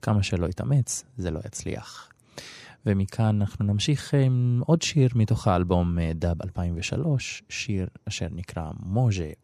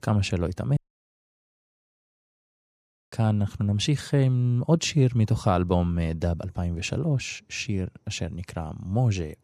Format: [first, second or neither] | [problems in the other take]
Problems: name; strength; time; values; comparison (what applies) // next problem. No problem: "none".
first | audio cutting out; at 1 s for 2.5 s